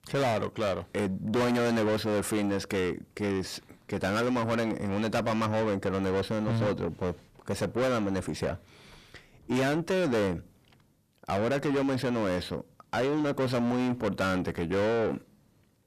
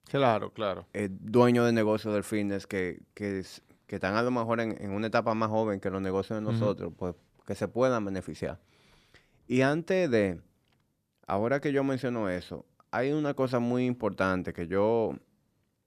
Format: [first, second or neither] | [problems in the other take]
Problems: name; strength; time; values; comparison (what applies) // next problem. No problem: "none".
second | distortion; heavy; 6 dB below the speech